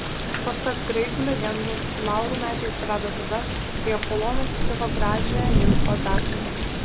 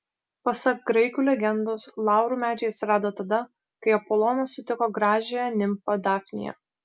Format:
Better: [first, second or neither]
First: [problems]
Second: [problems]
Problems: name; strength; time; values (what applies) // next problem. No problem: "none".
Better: second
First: background sound (Thunder / Rain); 5 dB above the speech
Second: none